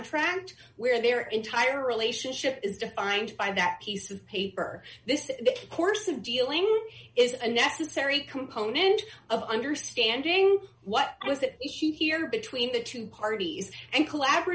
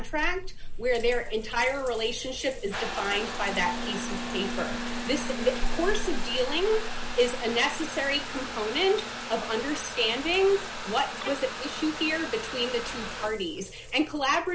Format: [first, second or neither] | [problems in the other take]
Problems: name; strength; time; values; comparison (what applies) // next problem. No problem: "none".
first | background sound (Trickle, dribble / Bathtub (filling or washing) / Water tap, faucet); 4 dB below the speech